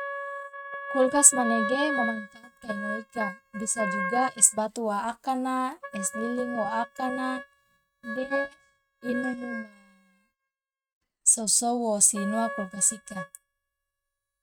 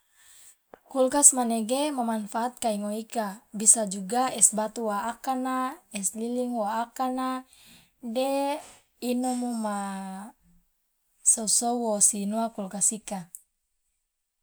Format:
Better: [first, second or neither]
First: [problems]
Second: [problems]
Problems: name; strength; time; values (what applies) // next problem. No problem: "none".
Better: second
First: noise reduction (neural mask model RNNoise)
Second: none